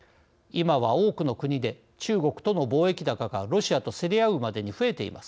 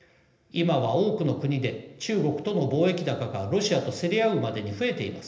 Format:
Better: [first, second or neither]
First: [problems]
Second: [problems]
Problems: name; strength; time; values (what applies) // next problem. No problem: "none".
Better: first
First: none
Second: room echo; dies away in 0.8 s